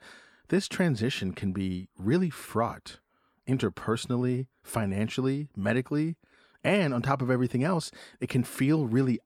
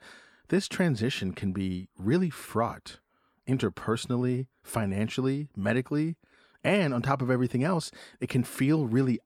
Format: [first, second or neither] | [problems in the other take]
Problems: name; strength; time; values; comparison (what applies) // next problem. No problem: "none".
neither | none